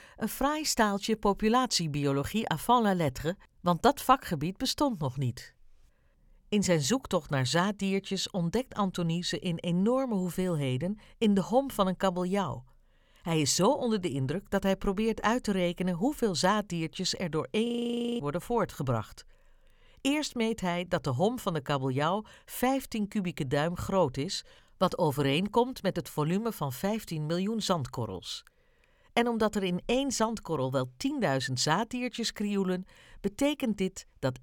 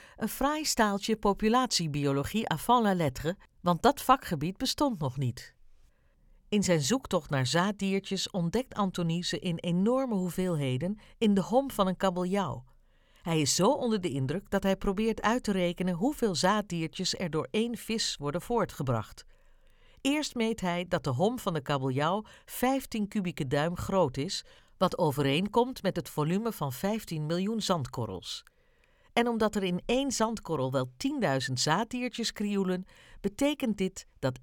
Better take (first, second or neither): second